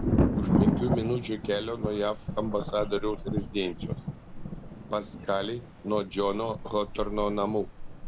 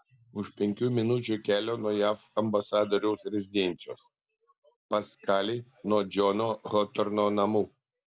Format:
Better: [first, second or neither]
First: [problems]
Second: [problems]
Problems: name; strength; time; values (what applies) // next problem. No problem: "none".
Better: second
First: background sound (Thunder); as loud as the speech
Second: none